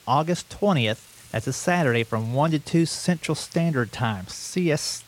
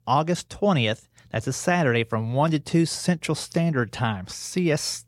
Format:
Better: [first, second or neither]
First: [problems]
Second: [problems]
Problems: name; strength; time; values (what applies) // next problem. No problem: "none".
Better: second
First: hiss; faint; throughout; 25 dB below the speech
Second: none